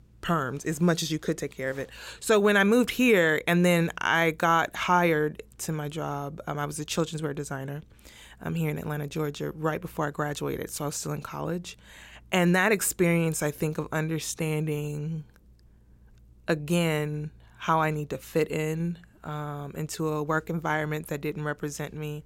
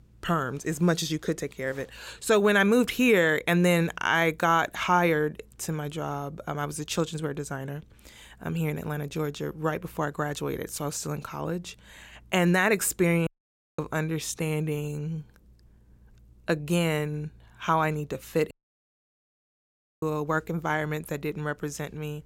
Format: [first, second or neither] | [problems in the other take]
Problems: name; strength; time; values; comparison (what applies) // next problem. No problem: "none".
first | audio cutting out; at 13 s for 0.5 s and at 19 s for 1.5 s